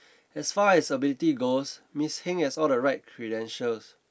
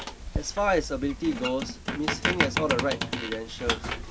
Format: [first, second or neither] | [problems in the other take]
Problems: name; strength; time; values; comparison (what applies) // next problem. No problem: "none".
first | background sound (Squeak); 1 dB below the speech